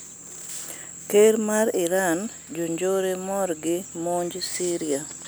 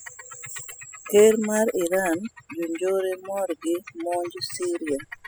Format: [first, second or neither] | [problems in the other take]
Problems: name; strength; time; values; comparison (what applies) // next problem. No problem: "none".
first | noise reduction (classical method spectral subtraction)